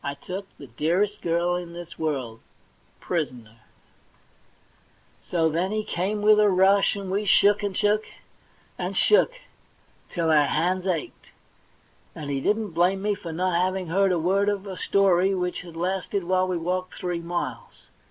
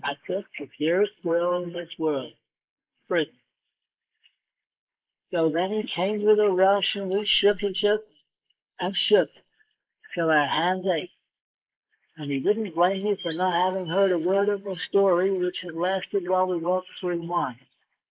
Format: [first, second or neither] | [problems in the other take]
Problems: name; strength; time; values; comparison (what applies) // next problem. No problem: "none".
first | noise reduction (neural mask model Resemble Enhance denoiser)